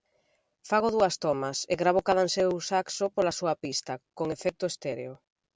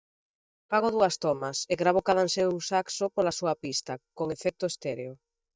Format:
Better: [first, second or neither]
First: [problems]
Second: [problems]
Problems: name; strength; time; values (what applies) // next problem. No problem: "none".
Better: first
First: none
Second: noise reduction (neural mask model DeepFilterNet 3)